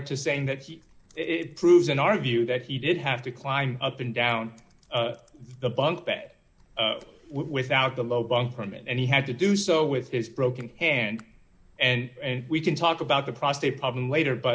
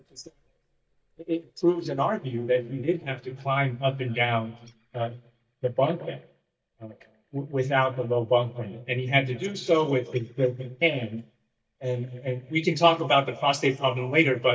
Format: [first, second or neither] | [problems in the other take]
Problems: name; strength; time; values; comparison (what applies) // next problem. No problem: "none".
first | noise reduction (neural mask model DeepFilterNet 3)